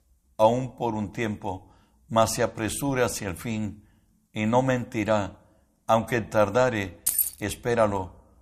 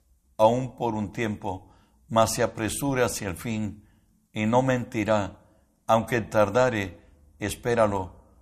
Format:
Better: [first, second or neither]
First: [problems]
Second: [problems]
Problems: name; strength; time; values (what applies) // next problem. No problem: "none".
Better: second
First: jangling keys; loud; at 7 s; peak 2 dB above the speech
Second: none